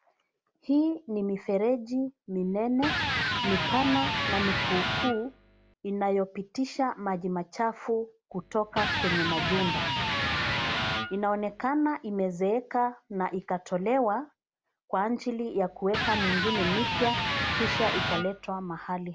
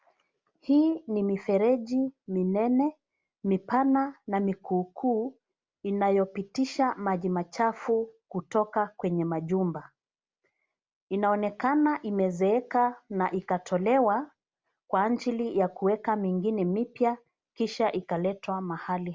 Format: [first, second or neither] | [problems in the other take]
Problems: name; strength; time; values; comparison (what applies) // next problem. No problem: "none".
second | background sound (Electric guitar); as loud as the speech